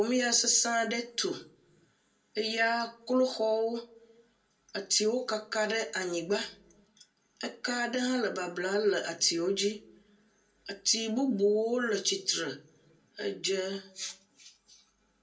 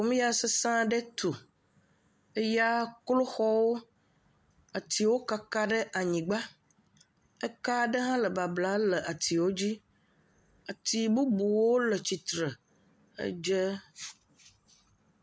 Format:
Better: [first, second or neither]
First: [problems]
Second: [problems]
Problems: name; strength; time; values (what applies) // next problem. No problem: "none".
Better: second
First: room echo; dies away in 0.2 s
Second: none